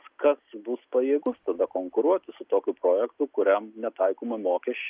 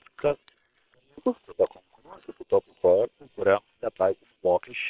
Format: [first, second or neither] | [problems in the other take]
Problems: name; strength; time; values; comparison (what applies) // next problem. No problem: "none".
first | noise reduction (neural separator model SepFormer WHAM!)